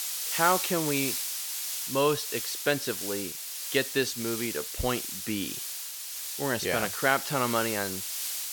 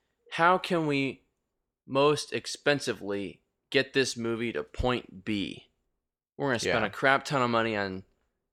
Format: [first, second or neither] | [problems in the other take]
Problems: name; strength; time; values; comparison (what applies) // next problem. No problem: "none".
second | hiss; loud; throughout; 2 dB below the speech